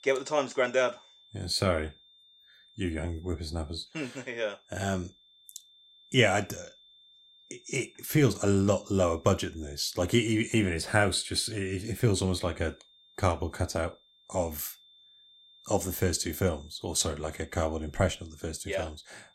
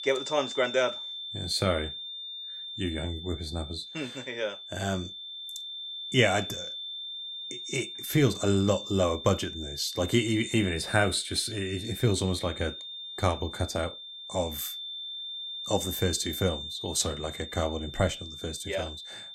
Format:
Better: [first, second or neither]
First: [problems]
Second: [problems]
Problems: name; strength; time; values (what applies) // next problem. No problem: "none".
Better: first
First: high-pitched whine; faint; throughout; 3.5 kHz, 30 dB below the speech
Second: high-pitched whine; loud; throughout; 3.5 kHz, 8 dB below the speech